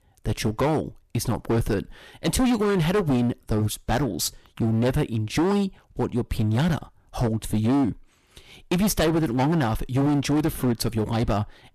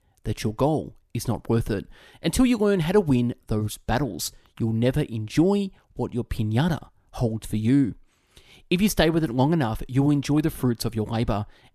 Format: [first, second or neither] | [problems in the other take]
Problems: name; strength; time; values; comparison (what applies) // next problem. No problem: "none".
second | distortion; heavy; 16% of the sound clipped